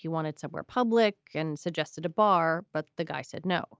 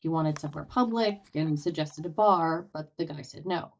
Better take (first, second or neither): first